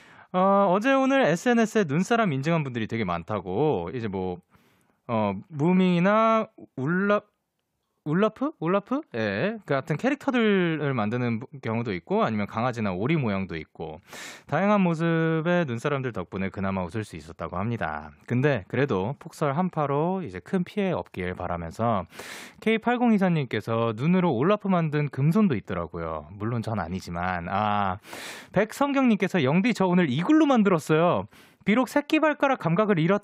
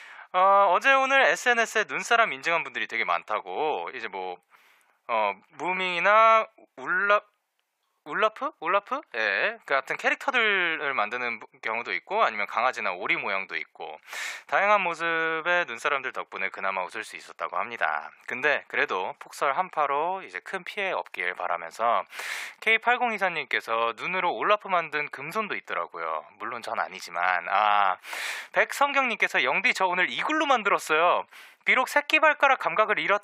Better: first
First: none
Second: thin; very; fading below 800 Hz

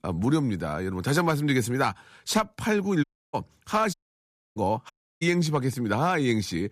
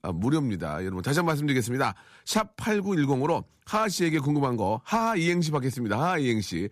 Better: second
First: audio cutting out; at 3 s, at 4 s for 0.5 s and at 5 s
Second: none

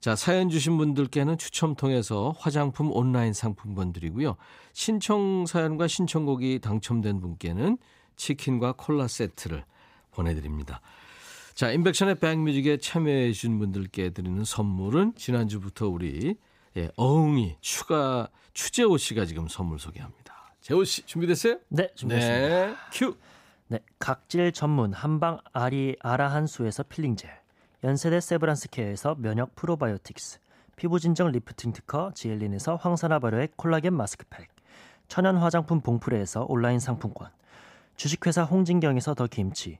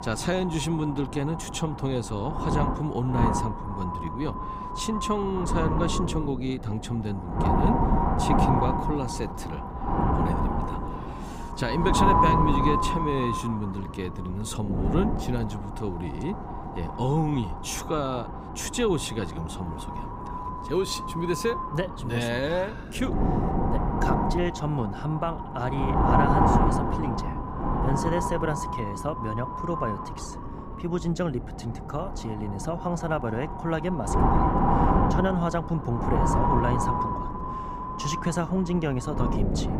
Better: first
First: none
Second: wind noise on the microphone; heavy; 4 dB above the speech

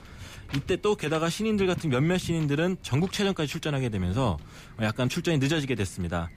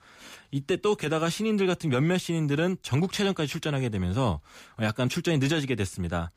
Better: second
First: wind noise on the microphone; occasional gusts; 20 dB below the speech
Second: none

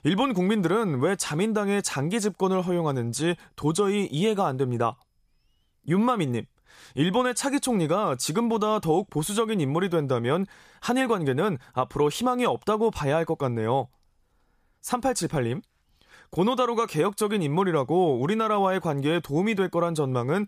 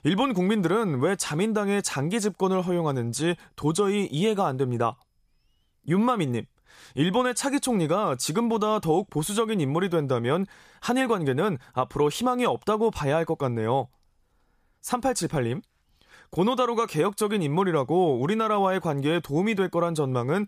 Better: neither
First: none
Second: none

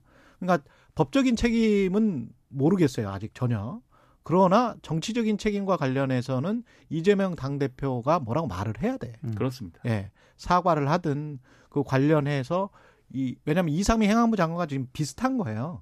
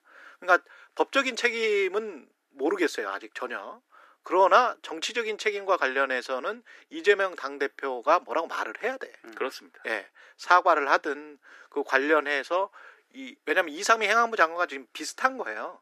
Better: first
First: none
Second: thin; very; fading below 350 Hz

